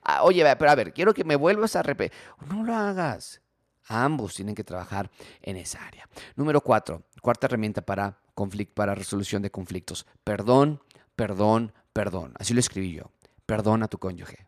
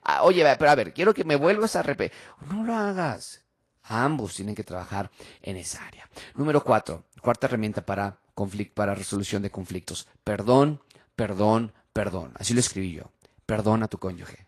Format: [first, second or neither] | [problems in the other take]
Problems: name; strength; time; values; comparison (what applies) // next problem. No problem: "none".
first | garbled, watery; slightly